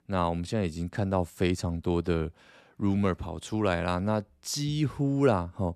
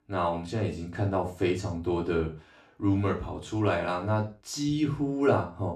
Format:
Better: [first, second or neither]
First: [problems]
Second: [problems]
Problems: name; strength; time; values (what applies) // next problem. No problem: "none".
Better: first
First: none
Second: room echo; slight; dies away in 0.4 s // off-mic speech; far